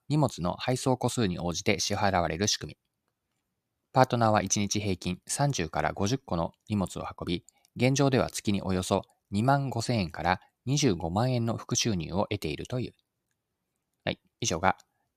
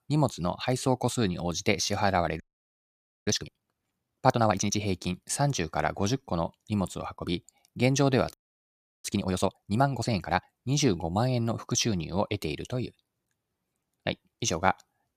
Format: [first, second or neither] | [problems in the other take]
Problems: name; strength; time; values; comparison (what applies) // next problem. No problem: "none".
first | audio freezing; at 2.5 s for 1 s and at 8.5 s for 0.5 s